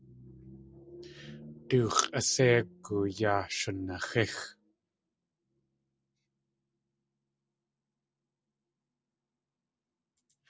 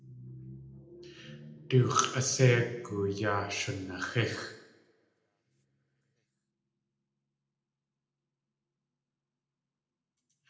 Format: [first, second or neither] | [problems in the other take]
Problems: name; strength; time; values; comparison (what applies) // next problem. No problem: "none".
first | room echo; dies away in 0.8 s